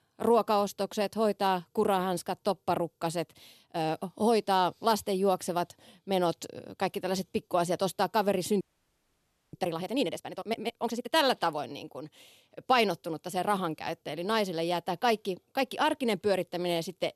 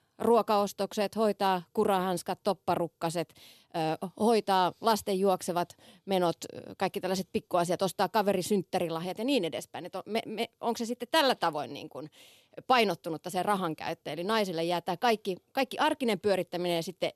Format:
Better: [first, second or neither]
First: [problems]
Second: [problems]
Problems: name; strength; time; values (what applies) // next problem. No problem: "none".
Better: second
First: audio freezing; at 8.5 s for 1 s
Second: none